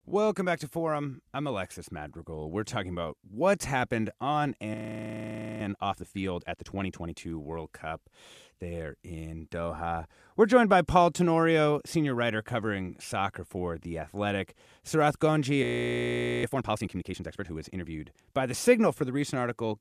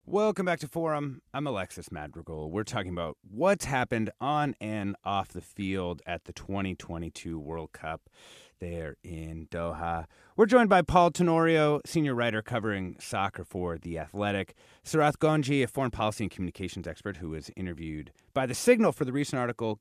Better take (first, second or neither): second